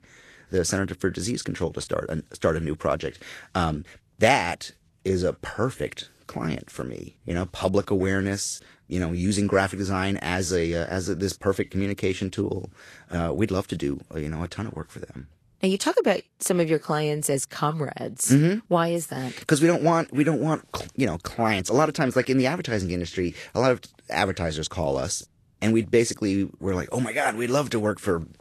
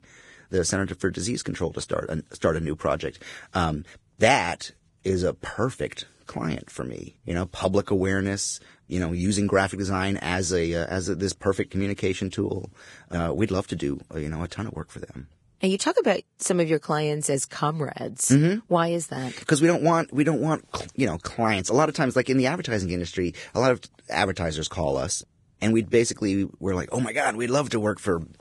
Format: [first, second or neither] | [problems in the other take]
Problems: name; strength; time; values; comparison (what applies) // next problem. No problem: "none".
first | garbled, watery; badly; nothing above 10.5 kHz; slightly in the first